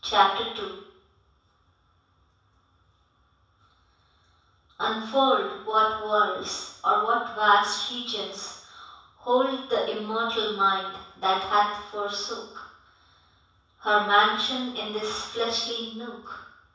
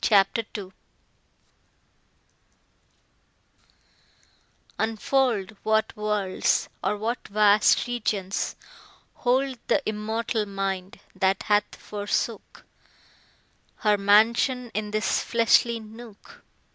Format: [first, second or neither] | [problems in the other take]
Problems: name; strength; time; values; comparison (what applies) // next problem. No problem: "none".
second | room echo; dies away in 0.7 s